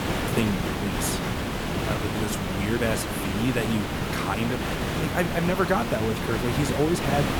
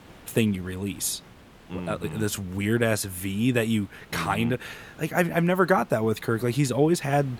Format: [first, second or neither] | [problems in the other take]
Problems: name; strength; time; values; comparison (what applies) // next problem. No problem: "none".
second | hiss; loud; throughout; as loud as the speech; faint in the second